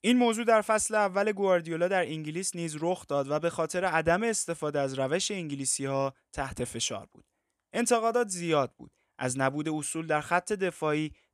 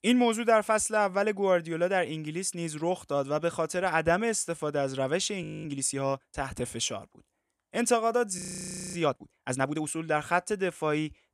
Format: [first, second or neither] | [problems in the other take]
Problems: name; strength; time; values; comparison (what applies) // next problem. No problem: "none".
first | audio freezing; at 5.5 s and at 8.5 s for 0.5 s